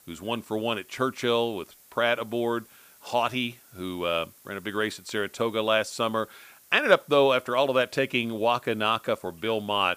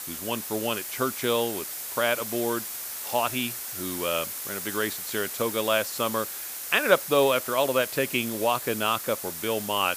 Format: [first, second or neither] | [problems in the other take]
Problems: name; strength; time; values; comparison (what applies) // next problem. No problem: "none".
first | hiss; loud; throughout; 5 dB below the speech; faint in the first